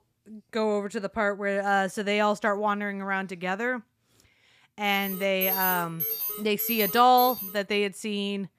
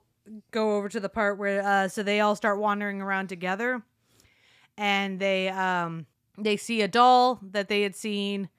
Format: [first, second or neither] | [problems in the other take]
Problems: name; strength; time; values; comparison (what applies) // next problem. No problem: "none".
second | alarm; loud; from 5 to 7.5 s; peak 1 dB above the speech